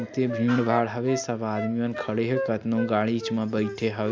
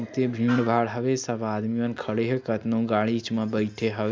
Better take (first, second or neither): second